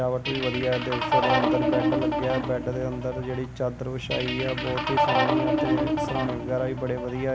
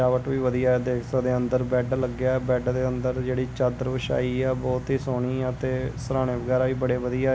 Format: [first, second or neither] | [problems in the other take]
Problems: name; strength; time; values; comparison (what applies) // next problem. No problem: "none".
second | background sound (Guitar); 2 dB above the speech